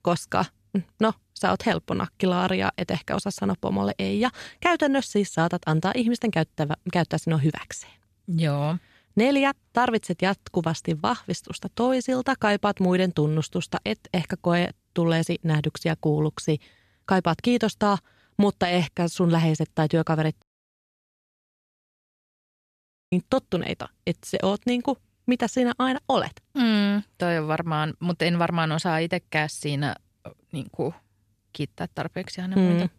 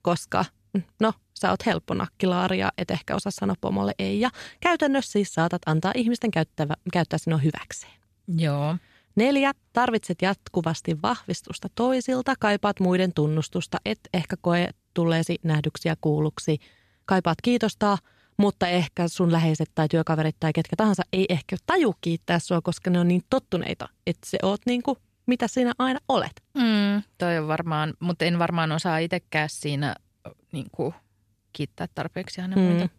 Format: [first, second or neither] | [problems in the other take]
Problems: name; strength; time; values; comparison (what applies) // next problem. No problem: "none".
second | audio cutting out; at 20 s for 2.5 s